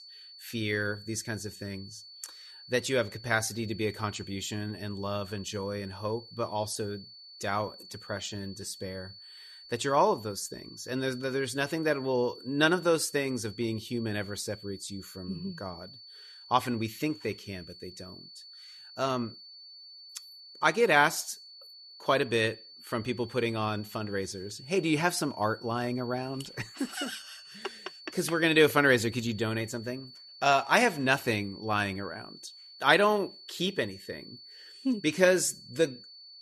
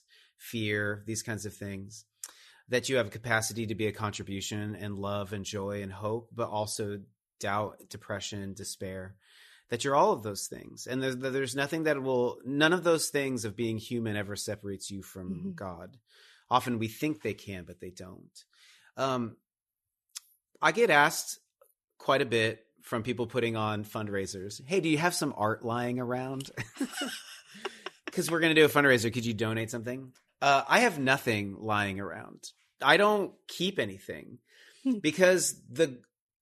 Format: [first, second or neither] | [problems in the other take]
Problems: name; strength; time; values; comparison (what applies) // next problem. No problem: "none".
second | high-pitched whine; noticeable; throughout; 4.5 kHz, 20 dB below the speech